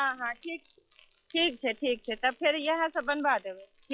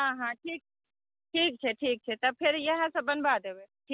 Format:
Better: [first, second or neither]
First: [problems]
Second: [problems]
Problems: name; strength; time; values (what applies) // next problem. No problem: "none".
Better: second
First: noise reduction (classical method log-MMSE)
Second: none